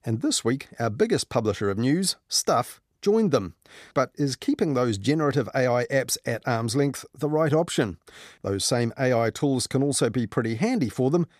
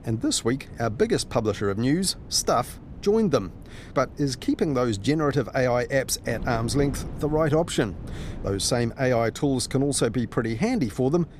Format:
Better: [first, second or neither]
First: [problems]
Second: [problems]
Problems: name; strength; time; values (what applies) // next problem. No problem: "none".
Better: first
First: none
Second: wind noise on the microphone; occasional gusts; 20 dB below the speech